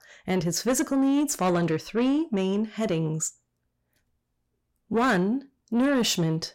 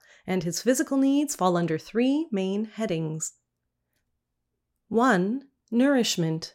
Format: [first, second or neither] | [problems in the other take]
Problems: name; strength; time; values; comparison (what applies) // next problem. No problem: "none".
second | distortion; slight; 10 dB below the speech